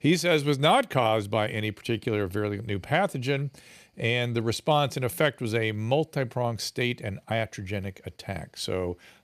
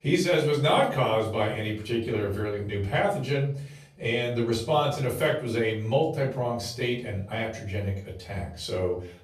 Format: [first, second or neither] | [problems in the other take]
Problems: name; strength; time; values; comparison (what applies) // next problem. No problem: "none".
first | off-mic speech; far // room echo; slight; dies away in 0.4 s